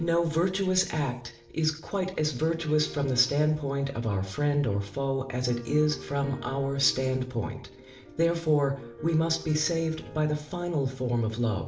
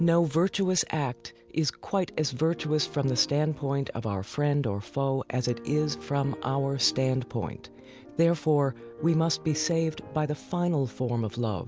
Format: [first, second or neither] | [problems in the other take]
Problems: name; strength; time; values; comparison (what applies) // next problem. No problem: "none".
second | room echo; dies away in 0.5 s